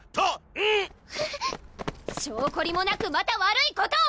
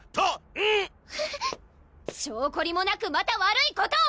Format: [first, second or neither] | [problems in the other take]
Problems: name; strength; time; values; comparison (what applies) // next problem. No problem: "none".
second | background sound (Run); 12 dB below the speech